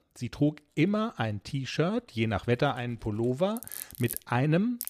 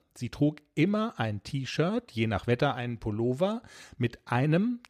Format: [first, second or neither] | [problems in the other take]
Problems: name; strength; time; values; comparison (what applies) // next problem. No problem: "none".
second | machinery noise; loud; throughout; 10 dB below the speech